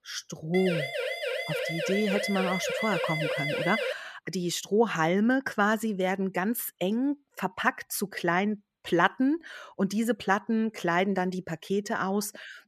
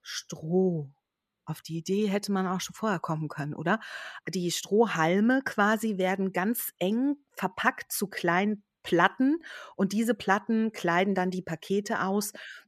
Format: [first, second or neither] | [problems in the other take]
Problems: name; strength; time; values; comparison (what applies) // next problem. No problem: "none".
second | siren; noticeable; from 0.5 to 4 s; peak 1 dB below the speech